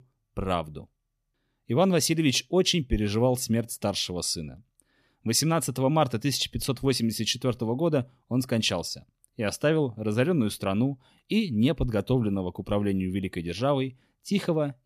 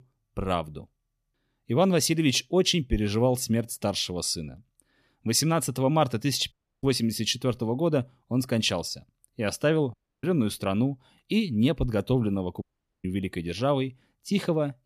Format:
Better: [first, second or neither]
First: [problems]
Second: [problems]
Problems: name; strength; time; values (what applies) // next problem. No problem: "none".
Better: first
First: none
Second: audio cutting out; at 6.5 s, at 10 s and at 13 s